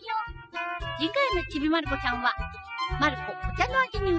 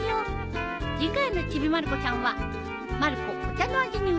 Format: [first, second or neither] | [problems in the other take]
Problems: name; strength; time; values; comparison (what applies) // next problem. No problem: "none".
second | noise reduction (classical method spectral subtraction)